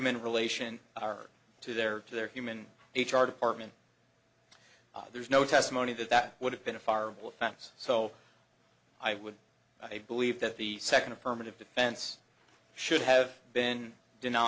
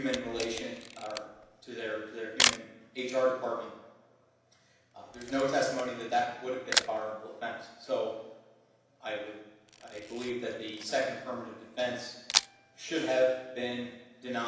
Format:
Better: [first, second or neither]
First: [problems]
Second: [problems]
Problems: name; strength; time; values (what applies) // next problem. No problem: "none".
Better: first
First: none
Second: background sound (Camera); 4 dB below the speech // room echo; dies away in 0.9 s